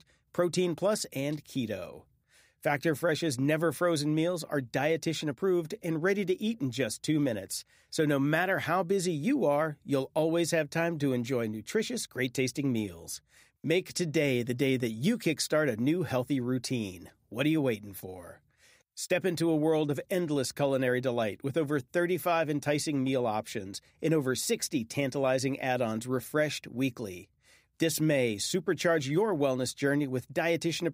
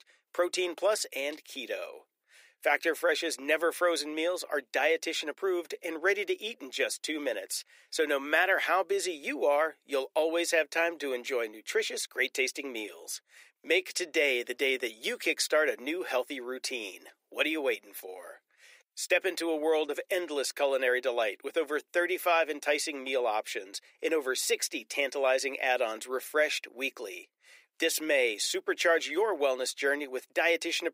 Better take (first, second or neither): first